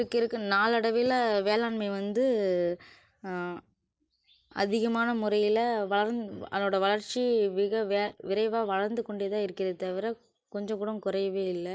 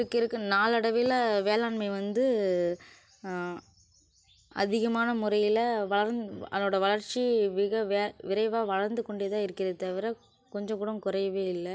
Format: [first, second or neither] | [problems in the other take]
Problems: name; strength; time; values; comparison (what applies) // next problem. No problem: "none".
second | noise reduction (neural mask model Resemble Enhance denoiser)